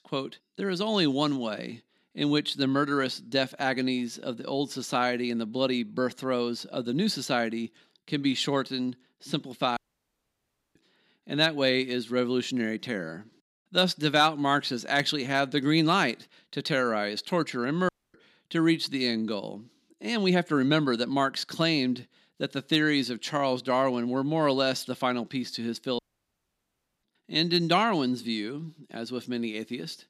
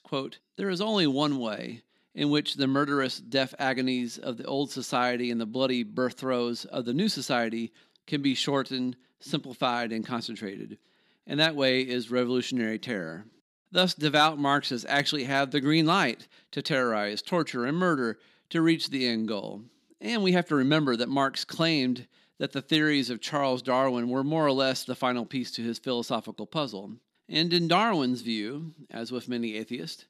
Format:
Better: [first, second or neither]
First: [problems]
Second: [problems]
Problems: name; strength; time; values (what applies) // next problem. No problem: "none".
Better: second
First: audio cutting out; at 10 s for 1 s, at 18 s and at 26 s for 1 s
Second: none